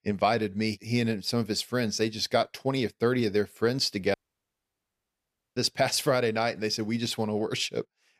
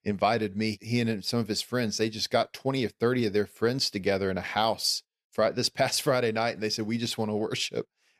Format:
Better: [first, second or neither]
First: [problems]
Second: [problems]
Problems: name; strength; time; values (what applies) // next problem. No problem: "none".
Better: second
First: audio cutting out; at 4 s for 1.5 s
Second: none